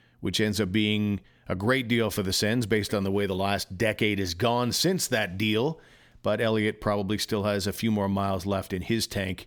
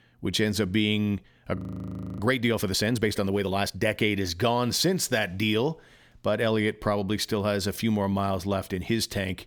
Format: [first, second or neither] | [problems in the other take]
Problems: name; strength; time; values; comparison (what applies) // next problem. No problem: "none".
first | audio freezing; at 1.5 s for 0.5 s